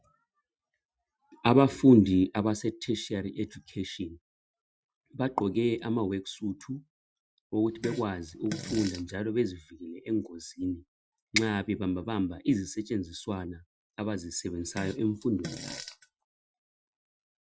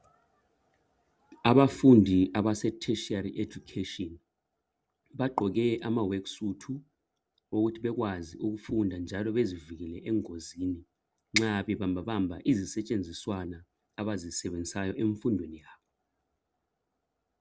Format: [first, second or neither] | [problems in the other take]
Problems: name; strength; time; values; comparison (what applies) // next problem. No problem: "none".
second | noise reduction (classical method Wiener filter)